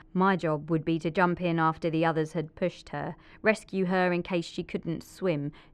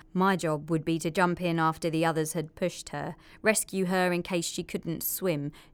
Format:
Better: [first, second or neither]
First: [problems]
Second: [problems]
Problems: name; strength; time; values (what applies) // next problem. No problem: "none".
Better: second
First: muffled; slightly; fading above 3 kHz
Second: none